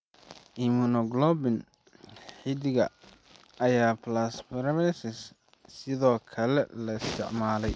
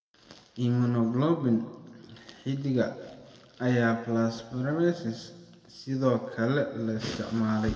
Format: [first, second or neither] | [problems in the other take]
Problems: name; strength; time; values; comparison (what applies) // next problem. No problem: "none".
first | room echo; dies away in 1.4 s